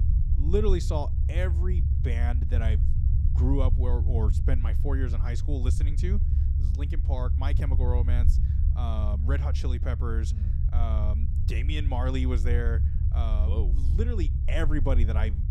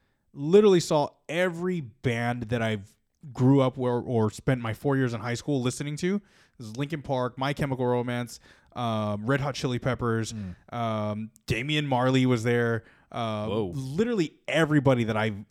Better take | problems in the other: second | low rumble; loud; throughout; 7 dB below the speech

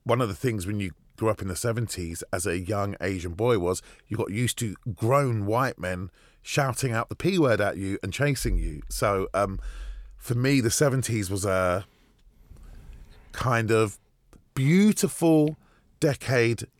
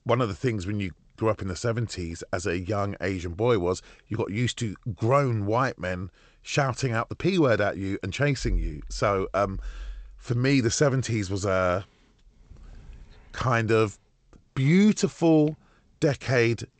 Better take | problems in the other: first | garbled, watery; slightly; nothing above 8 kHz

